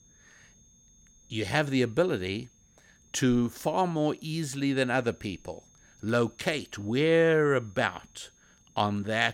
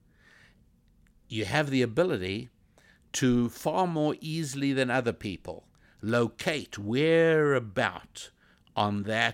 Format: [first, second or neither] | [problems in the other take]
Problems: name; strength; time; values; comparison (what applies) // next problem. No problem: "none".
second | high-pitched whine; faint; throughout; 6.5 kHz, 30 dB below the speech